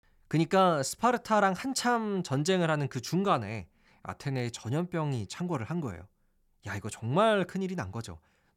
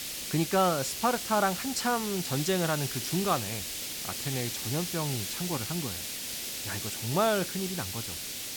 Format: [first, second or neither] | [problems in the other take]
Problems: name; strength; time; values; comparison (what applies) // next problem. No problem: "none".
first | hiss; loud; throughout; 3 dB below the speech